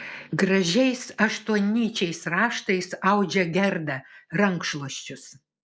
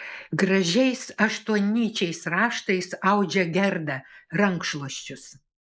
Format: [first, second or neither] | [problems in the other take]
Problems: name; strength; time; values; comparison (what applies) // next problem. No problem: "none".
first | noise reduction (neural mask model Resemble Enhance denoiser)